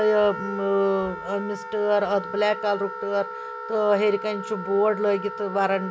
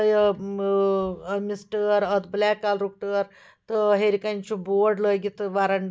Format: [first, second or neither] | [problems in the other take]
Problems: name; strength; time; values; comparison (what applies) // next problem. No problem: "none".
second | background sound (Wind instrument, woodwind instrument); 10 dB below the speech